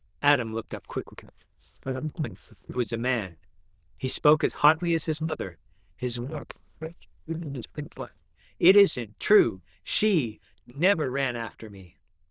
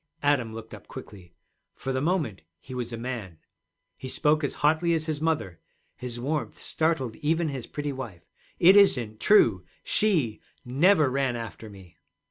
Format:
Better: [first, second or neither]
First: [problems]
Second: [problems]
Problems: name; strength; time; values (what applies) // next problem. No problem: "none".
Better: second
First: noise reduction (neural diffusion model UNIVERSE++)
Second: none